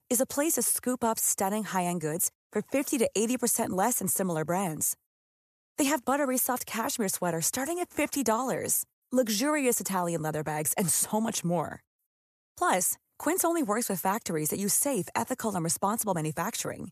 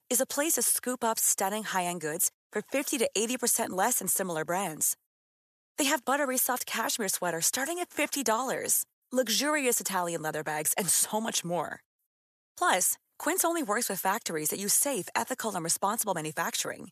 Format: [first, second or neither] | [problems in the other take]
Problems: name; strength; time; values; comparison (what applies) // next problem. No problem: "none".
first | thin; very slightly; fading below 750 Hz